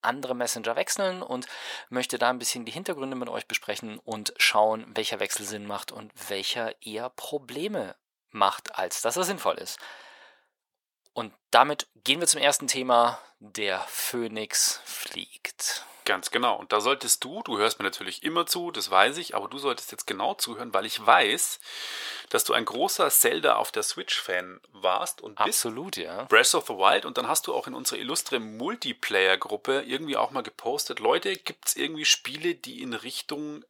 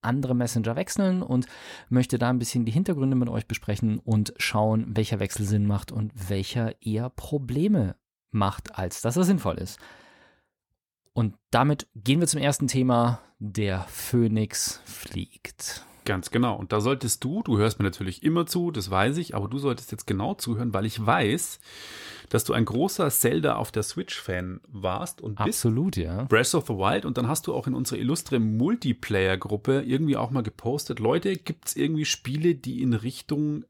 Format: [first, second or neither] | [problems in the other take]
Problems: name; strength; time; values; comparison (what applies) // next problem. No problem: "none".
second | thin; very; fading below 650 Hz